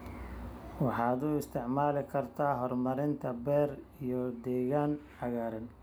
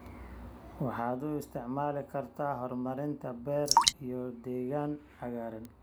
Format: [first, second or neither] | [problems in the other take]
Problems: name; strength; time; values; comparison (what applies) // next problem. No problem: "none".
first | background sound (Drip); 3 dB above the speech